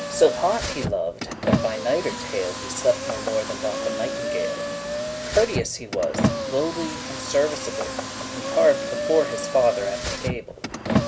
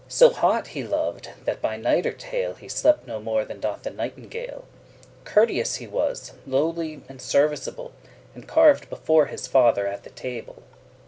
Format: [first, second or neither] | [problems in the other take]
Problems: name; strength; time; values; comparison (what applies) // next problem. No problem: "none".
second | background sound (Car); 3 dB below the speech